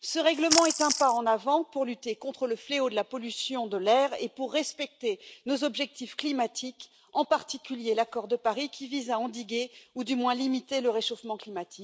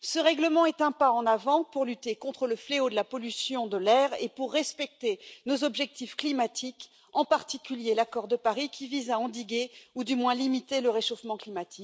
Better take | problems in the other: second | background sound (Splash, splatter); as loud as the speech

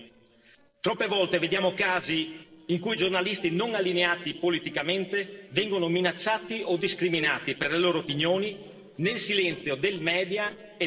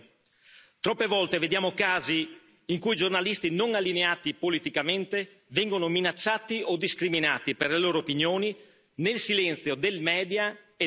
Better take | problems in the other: second | noise reduction (neural separator model SepFormer DNS4)

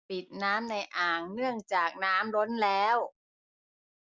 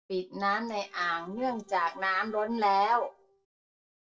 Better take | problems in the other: first | noise reduction (neural separator model SepFormer DNS4)

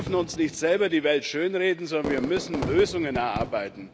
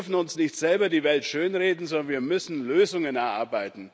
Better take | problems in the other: second | background sound (Fireworks); 10 dB below the speech

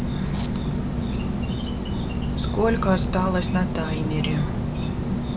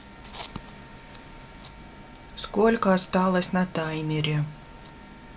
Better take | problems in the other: second | background sound (Insect); 3 dB above the speech

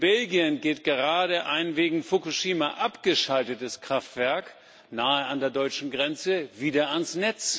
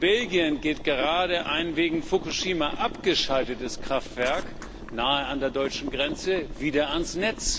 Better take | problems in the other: first | background sound (Boiling); 10 dB below the speech

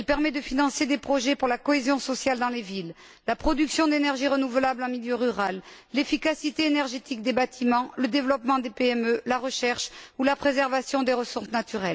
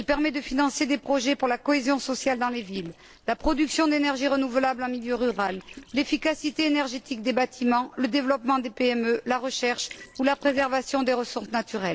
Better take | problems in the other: first | noise reduction (neural separator model SepFormer DNS4)

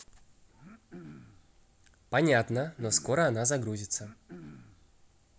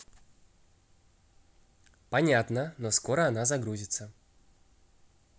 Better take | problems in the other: second | background sound (Cough); 19 dB below the speech

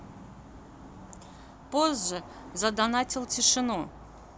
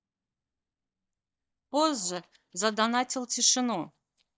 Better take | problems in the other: first | noise reduction (neural mask model DeepFilterNet 3)

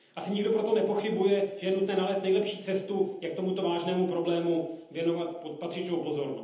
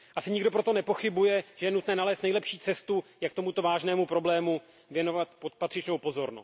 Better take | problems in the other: second | room echo; dies away in 0.9 s

